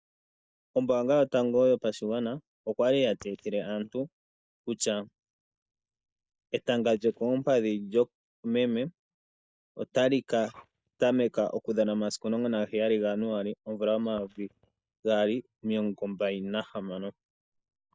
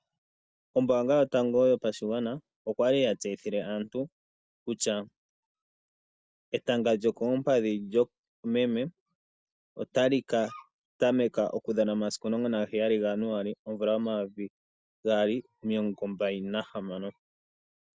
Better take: second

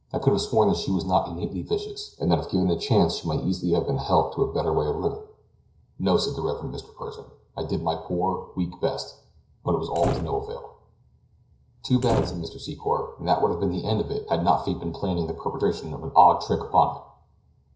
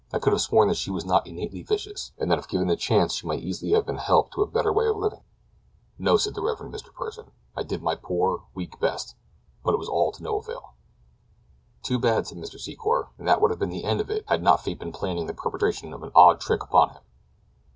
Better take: second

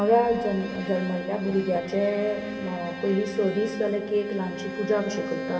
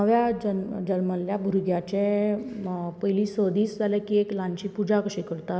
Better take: second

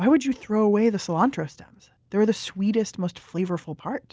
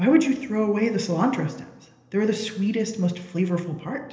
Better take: first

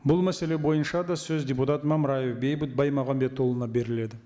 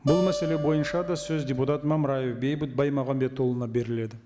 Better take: first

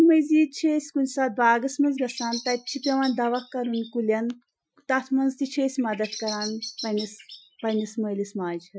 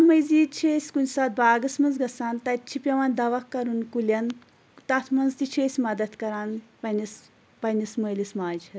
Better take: second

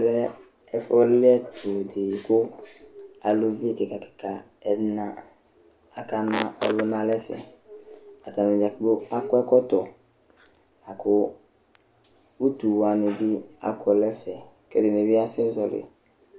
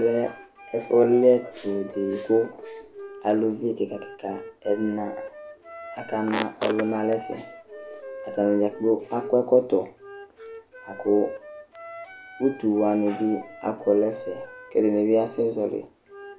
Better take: first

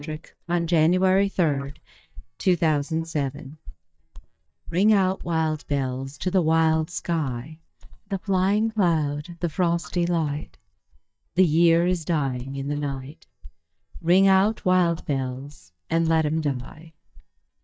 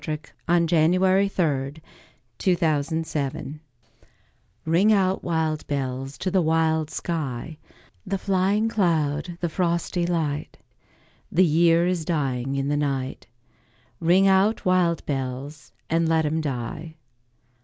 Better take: second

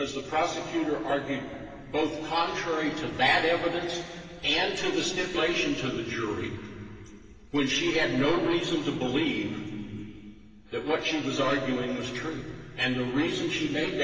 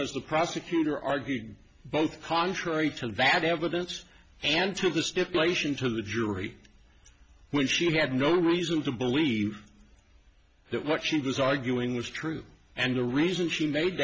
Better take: second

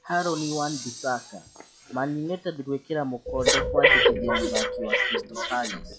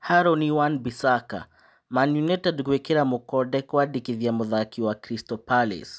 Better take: second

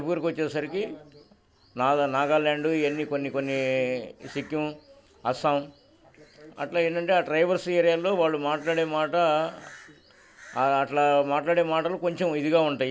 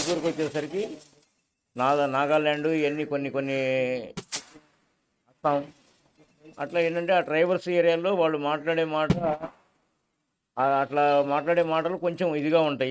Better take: first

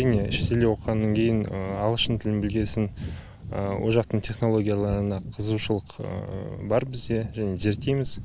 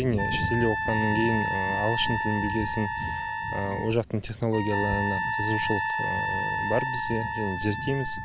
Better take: first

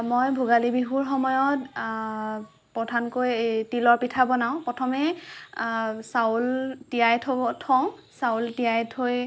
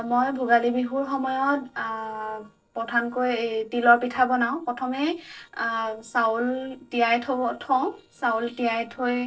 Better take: first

